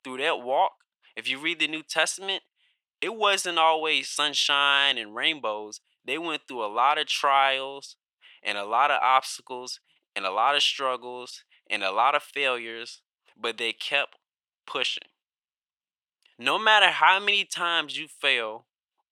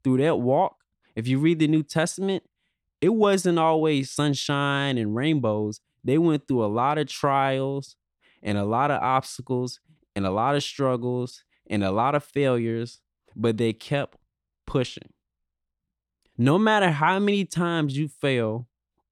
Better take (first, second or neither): second